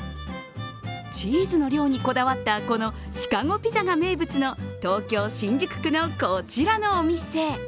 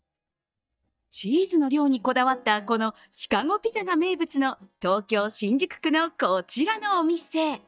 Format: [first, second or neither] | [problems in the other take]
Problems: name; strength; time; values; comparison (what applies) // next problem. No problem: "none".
first | noise reduction (neural mask model DeepFilterNet 3)